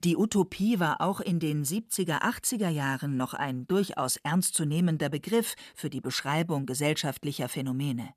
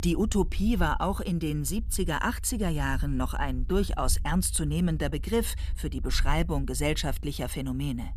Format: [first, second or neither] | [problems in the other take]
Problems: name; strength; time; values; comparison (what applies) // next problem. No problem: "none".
first | low rumble; faint; throughout; 25 dB below the speech